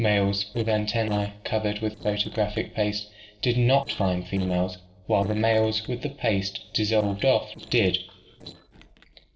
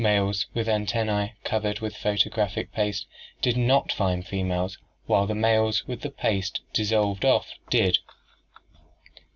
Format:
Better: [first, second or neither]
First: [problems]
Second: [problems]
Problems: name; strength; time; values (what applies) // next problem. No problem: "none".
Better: second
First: noise reduction (neural separator model SepFormer DNS4)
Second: none